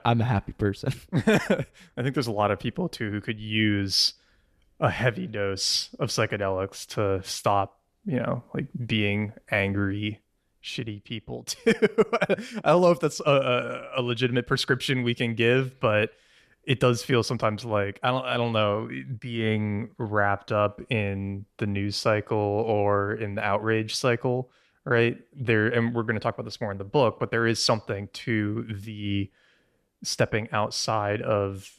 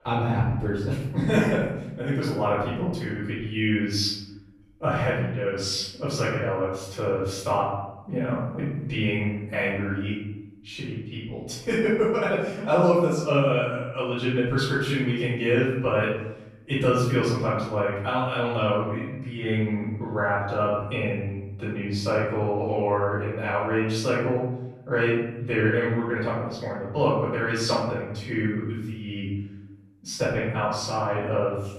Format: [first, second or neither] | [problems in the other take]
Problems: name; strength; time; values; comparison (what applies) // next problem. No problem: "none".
first | room echo; noticeable; dies away in 0.9 s // off-mic speech; far